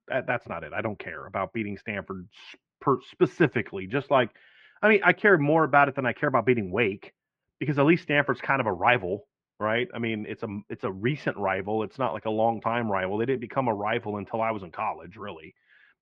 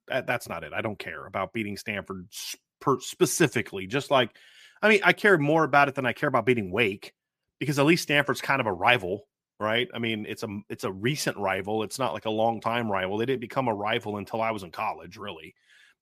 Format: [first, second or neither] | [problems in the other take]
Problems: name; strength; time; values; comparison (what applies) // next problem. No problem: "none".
second | muffled; very; fading above 2.5 kHz